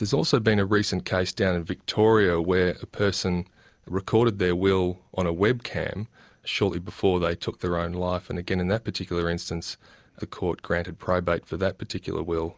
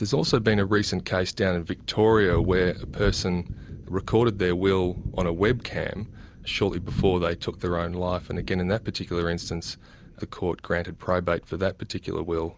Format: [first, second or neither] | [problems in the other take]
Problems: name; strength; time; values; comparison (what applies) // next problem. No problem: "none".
first | background sound (Thunder); 11 dB below the speech